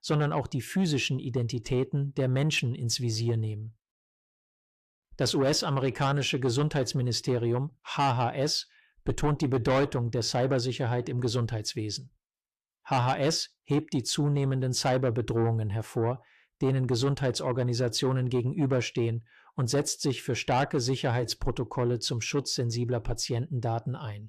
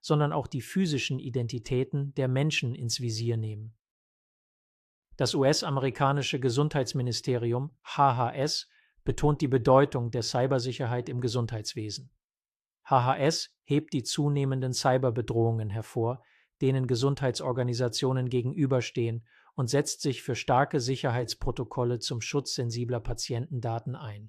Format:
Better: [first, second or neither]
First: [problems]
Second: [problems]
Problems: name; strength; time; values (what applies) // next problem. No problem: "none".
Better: second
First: distortion; slight; 10 dB below the speech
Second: none